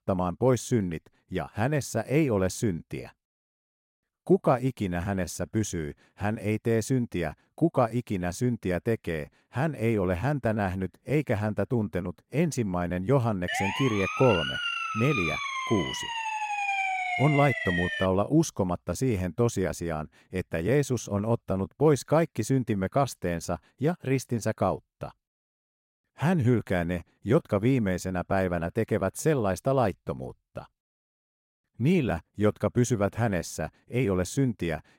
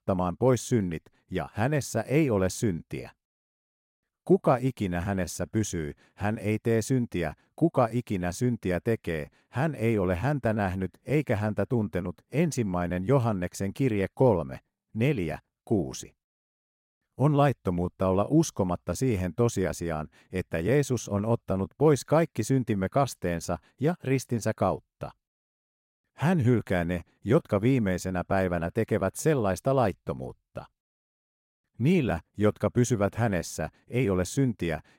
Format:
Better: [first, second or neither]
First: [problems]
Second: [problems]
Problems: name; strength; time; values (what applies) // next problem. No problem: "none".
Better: second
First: siren; loud; from 13 to 18 s; peak 1 dB above the speech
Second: none